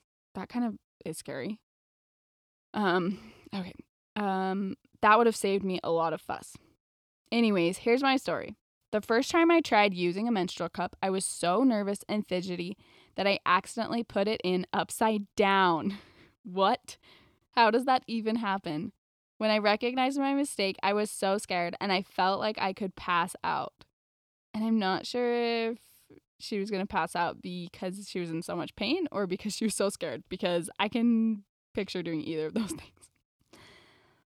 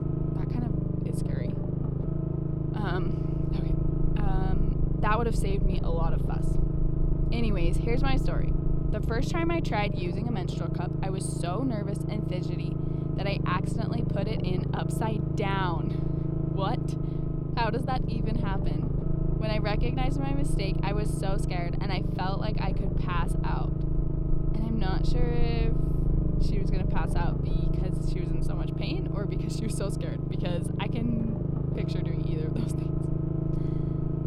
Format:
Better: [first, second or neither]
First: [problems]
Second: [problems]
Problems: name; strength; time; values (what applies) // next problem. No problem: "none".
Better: first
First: none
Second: low rumble; loud; throughout; 3 dB below the speech